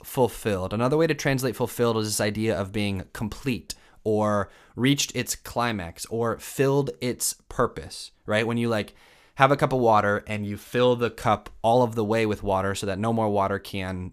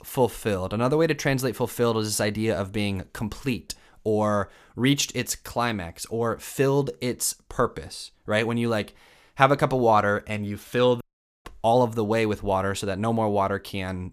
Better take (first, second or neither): first